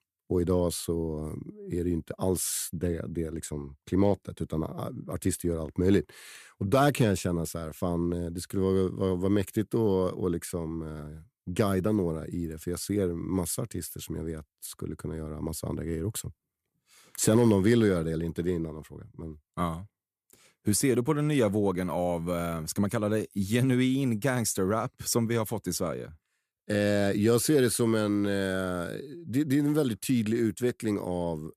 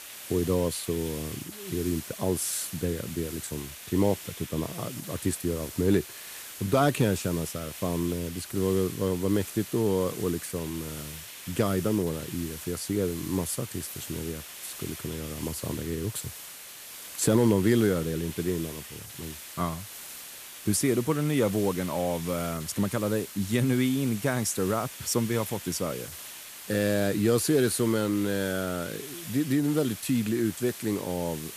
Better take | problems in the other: first | hiss; noticeable; throughout; 10 dB below the speech

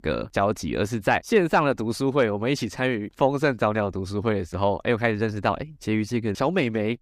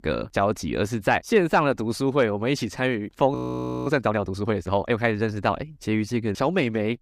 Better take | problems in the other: first | audio freezing; at 3.5 s for 0.5 s

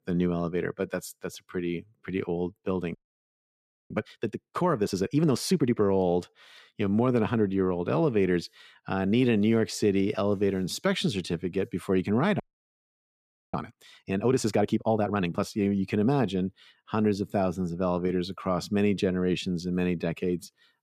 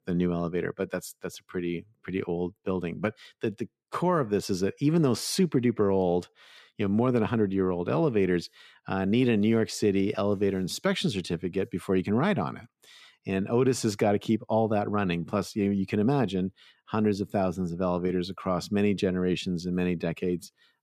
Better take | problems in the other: second | audio freezing; at 3 s for 1 s and at 12 s for 1 s

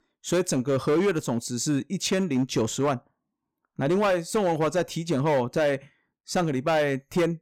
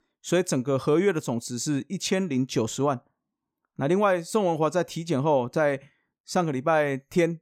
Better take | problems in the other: second | distortion; slight; 9% of the sound clipped

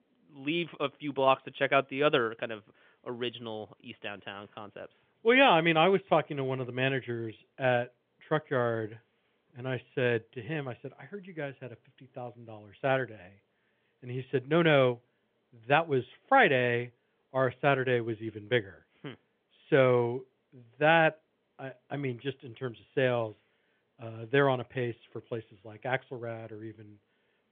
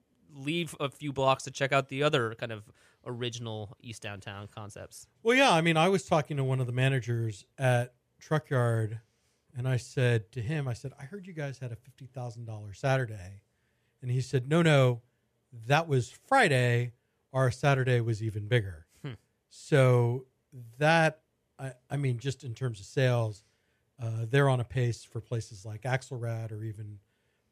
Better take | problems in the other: second | phone-call audio; nothing above 3.5 kHz

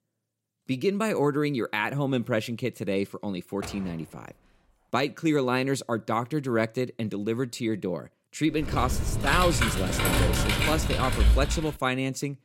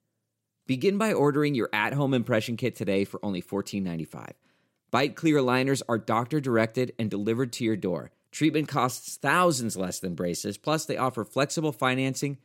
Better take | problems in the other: second | door banging; faint; at 3.5 s; peak 10 dB below the speech // keyboard typing; loud; from 8.5 to 12 s; peak 4 dB above the speech

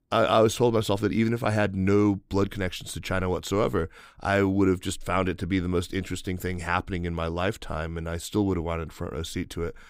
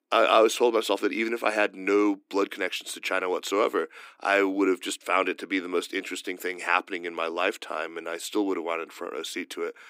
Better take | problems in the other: first | thin; somewhat; fading below 300 Hz

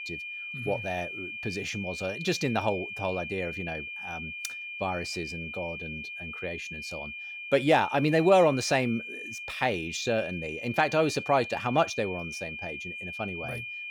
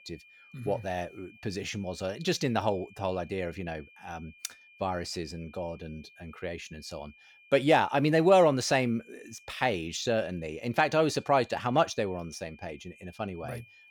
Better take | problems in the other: second | high-pitched whine; loud; throughout; 2.5 kHz, 8 dB below the speech; faint in the second

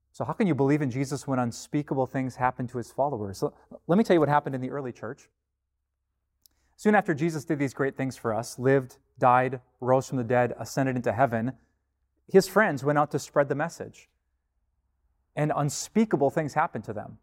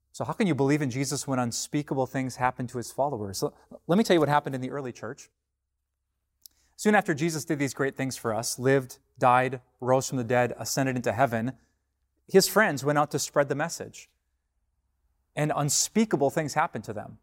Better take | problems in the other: second | muffled; slightly; fading above 2.5 kHz

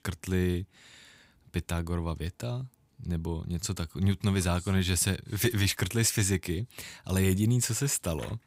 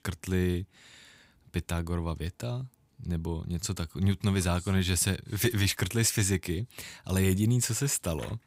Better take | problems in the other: neither | none

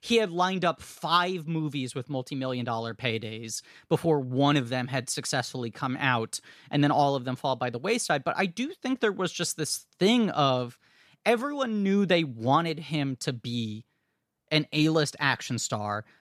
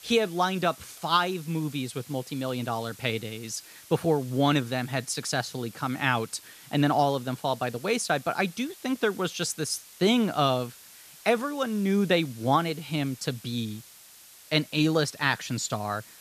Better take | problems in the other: first | hiss; noticeable; throughout; 20 dB below the speech

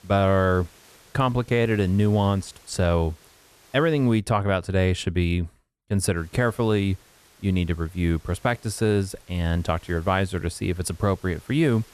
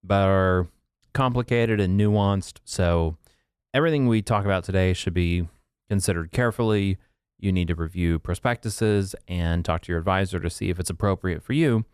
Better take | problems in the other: second | hiss; faint; until 4 s and from 6 s on; 30 dB below the speech

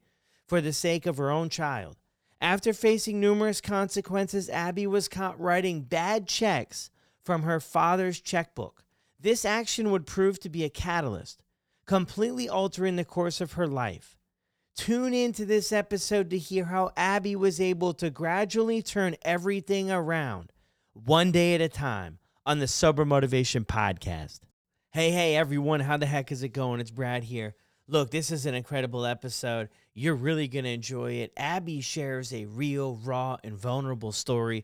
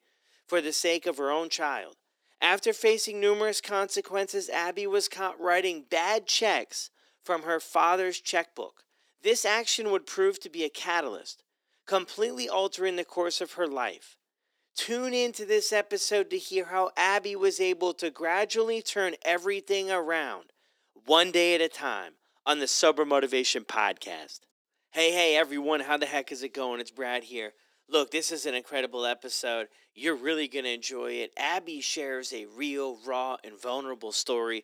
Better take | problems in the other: first | thin; somewhat; fading below 300 Hz

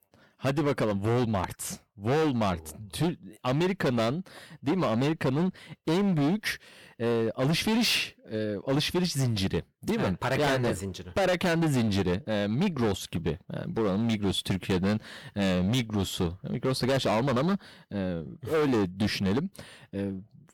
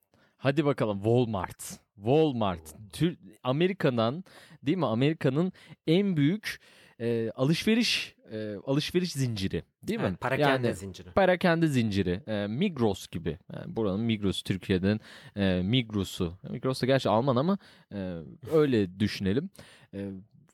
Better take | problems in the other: second | distortion; heavy; 16% of the sound clipped

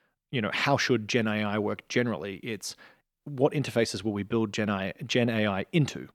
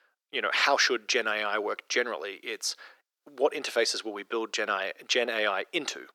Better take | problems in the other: first | thin; very; fading below 400 Hz

